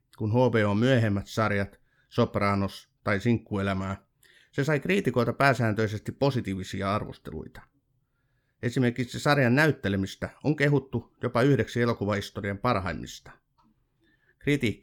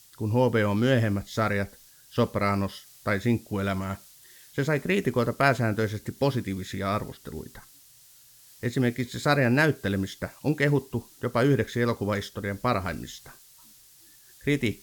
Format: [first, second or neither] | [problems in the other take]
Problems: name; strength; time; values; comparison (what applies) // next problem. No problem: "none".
first | hiss; faint; throughout; 25 dB below the speech